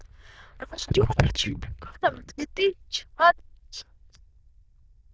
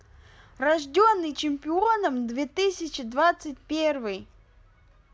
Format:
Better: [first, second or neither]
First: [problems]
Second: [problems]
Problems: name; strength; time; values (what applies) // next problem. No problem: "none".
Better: second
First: noise reduction (neural diffusion model UNIVERSE++)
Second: none